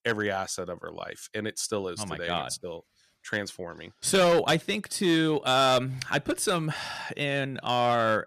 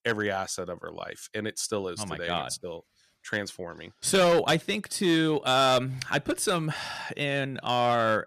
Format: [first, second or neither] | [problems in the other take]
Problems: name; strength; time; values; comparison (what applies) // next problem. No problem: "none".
neither | distortion; slight; 4% of the sound clipped; the same in both